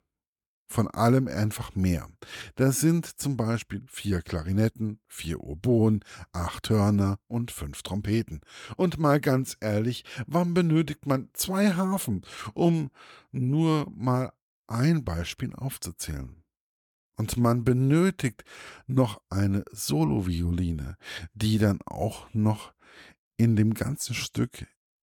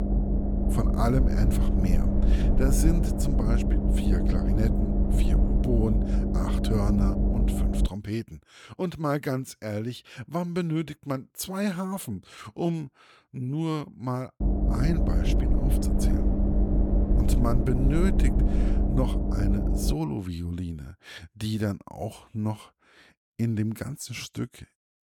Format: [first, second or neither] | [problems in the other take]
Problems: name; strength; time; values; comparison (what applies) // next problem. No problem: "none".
first | low rumble; loud; until 8 s and from 14 to 20 s; as loud as the speech